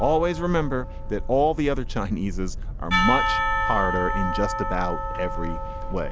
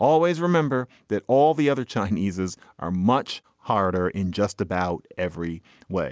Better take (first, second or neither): second